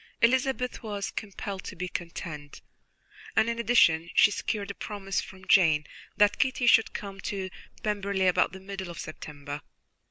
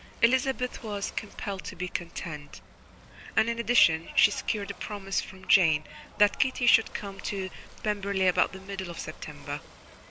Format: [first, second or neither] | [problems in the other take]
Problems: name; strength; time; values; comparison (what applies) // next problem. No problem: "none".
first | background sound (Ocean / Boat, Water vehicle); 19 dB below the speech